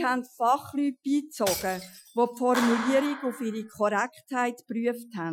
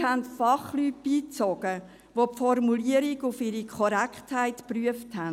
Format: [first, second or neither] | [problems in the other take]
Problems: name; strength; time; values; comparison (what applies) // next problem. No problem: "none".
second | noise reduction (classical method Wiener filter)